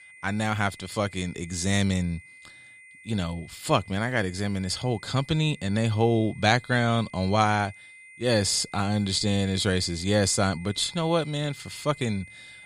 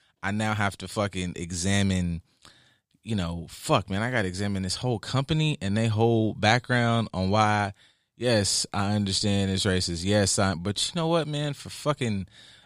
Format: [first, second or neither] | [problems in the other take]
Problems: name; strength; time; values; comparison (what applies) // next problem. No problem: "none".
second | high-pitched whine; faint; throughout; 2 kHz, 20 dB below the speech